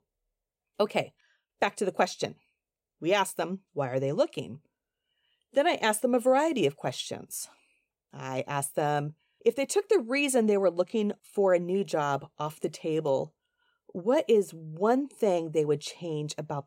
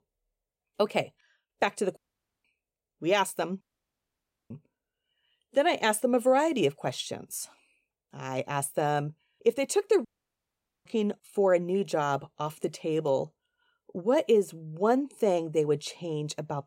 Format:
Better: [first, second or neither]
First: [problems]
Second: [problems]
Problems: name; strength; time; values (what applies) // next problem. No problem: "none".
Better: first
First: none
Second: audio cutting out; at 2 s, at 3.5 s for 1 s and at 10 s for 1 s